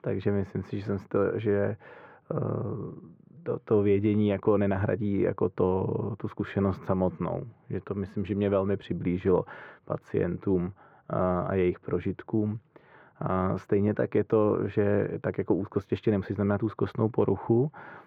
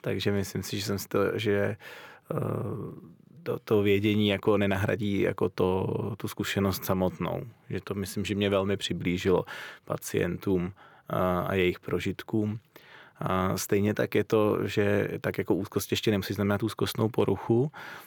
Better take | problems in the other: second | muffled; very; fading above 4 kHz

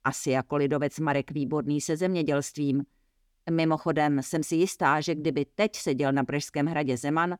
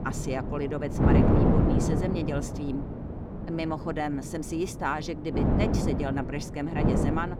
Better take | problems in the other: first | wind noise on the microphone; heavy; 1 dB above the speech

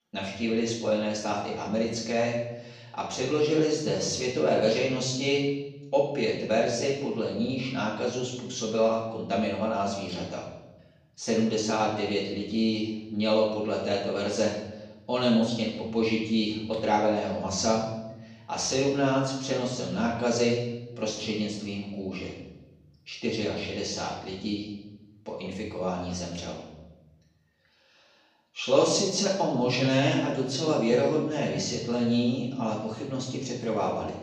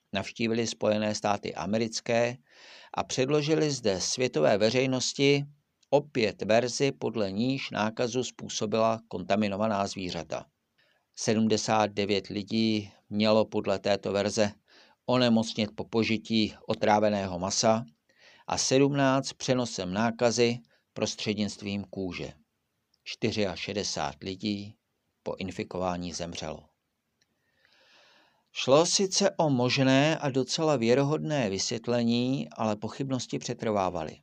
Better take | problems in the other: second | off-mic speech; far // room echo; noticeable; dies away in 0.9 s

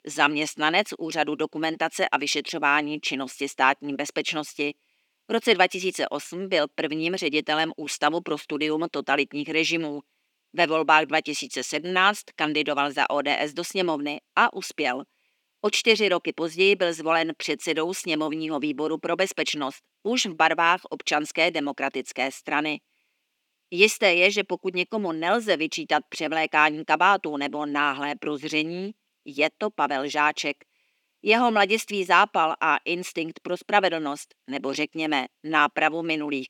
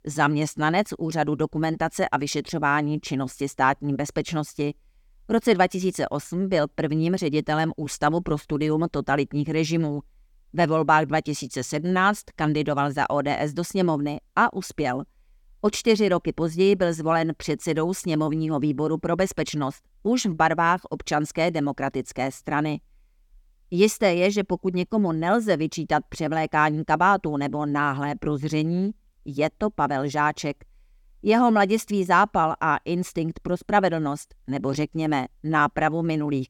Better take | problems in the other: second | thin; very slightly; fading below 250 Hz

